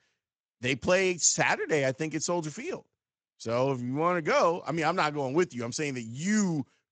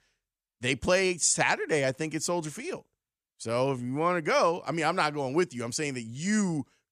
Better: second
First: garbled, watery; slightly; nothing above 7.5 kHz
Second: none

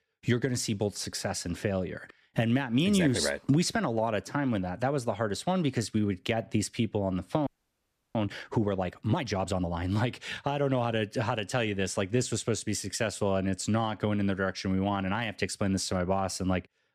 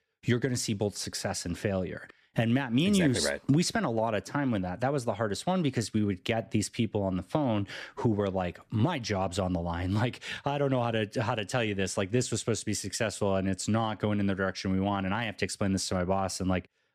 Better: second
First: audio freezing; at 7.5 s for 0.5 s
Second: none

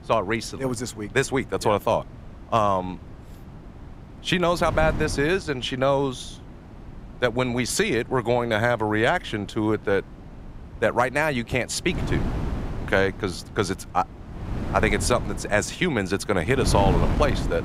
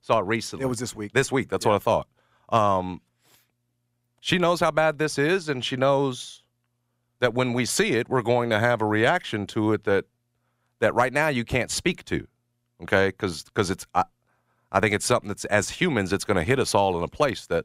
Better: second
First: wind noise on the microphone; occasional gusts; 15 dB below the speech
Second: none

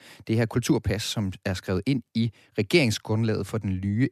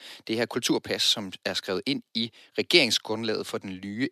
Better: first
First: none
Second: thin; somewhat; fading below 300 Hz

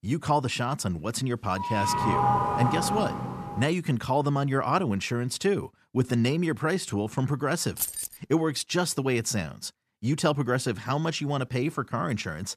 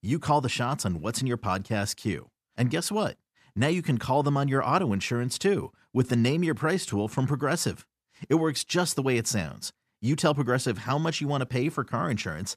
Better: second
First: doorbell; loud; from 1.5 to 3.5 s; peak 4 dB above the speech // jangling keys; noticeable; at 8 s; peak 1 dB below the speech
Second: none

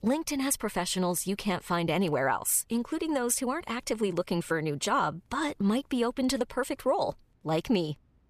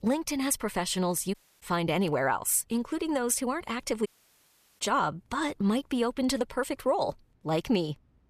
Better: first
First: none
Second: audio cutting out; at 1.5 s and at 4 s for 0.5 s

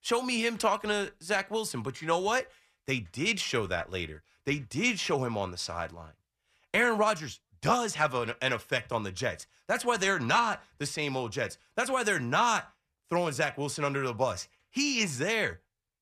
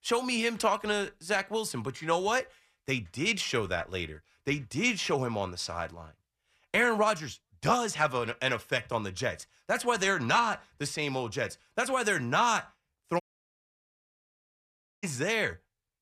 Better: first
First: none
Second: audio cutting out; at 13 s for 2 s

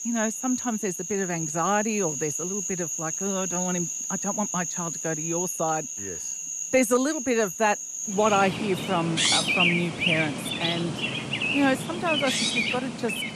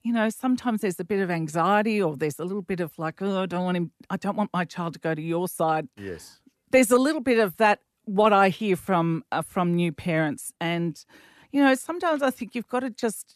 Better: second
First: animal sounds; very loud; throughout; as loud as the speech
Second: none

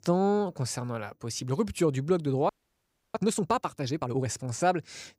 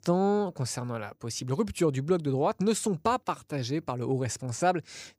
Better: second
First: audio freezing; at 2.5 s for 0.5 s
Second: none

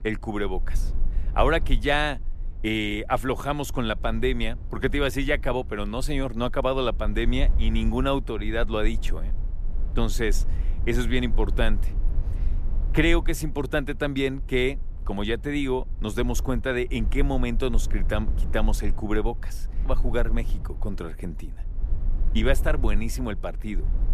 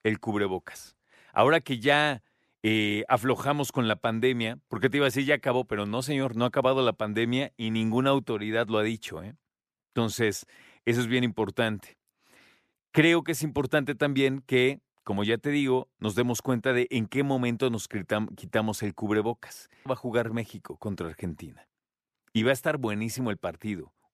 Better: second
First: low rumble; faint; throughout; 20 dB below the speech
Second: none

